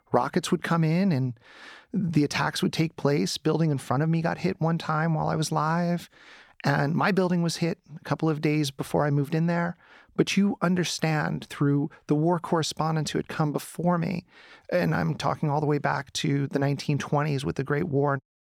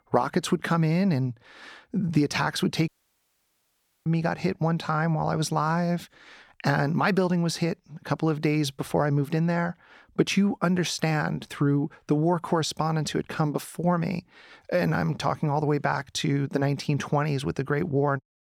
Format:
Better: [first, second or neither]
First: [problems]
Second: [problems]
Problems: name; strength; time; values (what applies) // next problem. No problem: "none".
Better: first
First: none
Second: audio cutting out; at 3 s for 1 s